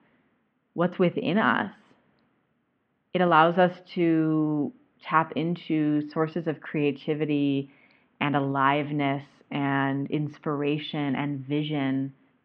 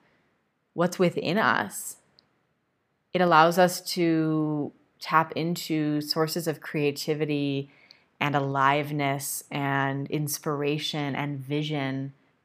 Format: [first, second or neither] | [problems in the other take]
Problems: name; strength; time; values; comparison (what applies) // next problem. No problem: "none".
second | muffled; very; fading above 3 kHz